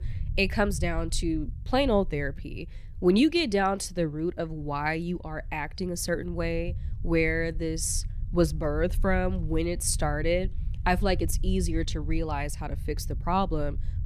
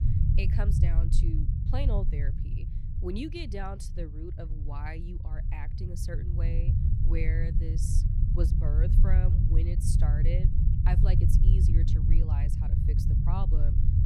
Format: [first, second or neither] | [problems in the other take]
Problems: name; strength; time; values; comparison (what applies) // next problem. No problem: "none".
first | low rumble; loud; throughout; 1 dB below the speech; faint in the first